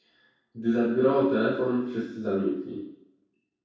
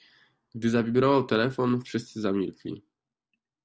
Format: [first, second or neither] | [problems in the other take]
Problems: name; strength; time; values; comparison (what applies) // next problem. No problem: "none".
second | room echo; dies away in 0.7 s